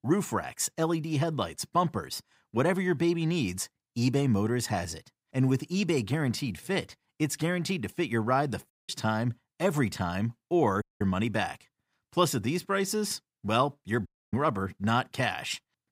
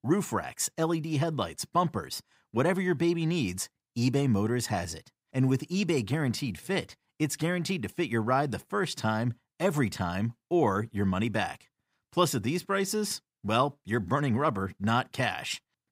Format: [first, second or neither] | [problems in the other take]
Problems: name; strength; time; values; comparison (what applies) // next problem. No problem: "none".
second | audio cutting out; at 8.5 s, at 11 s and at 14 s